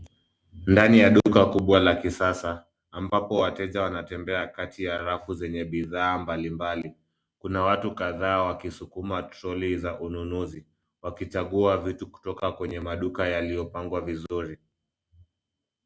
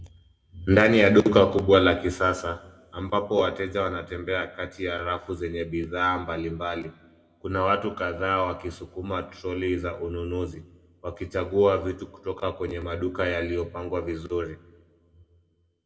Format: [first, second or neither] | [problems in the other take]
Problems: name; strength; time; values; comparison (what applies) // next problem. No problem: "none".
first | room echo; dies away in 1.1 s